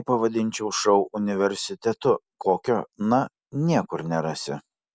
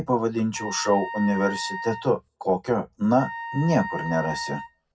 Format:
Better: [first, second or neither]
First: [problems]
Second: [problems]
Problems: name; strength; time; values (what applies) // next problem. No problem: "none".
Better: first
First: none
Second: background sound (Wind instrument, woodwind instrument); 10 dB below the speech // room echo; dies away in 0.4 s